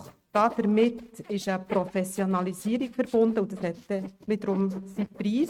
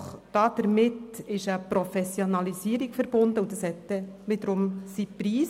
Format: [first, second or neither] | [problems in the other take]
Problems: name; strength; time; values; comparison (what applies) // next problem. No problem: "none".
second | noise reduction (neural mask model RNNoise)